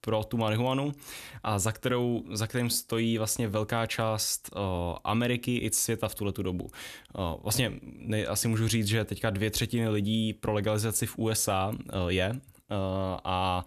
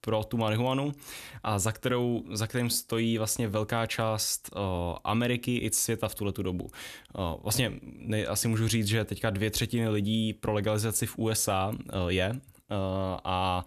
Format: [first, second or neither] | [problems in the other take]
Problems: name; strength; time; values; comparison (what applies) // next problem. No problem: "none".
neither | none